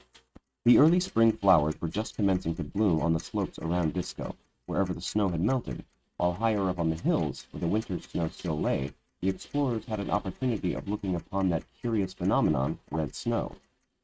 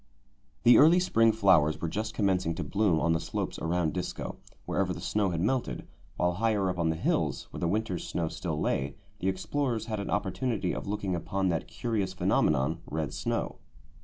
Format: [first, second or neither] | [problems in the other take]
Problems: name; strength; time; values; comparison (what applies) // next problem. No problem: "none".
second | noise reduction (neural mask model RNNoise)